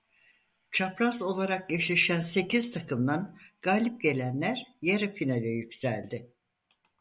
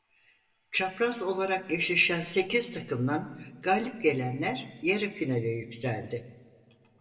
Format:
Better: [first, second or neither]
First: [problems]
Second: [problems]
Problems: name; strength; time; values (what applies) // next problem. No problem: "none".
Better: first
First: none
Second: room echo; dies away in 1.3 s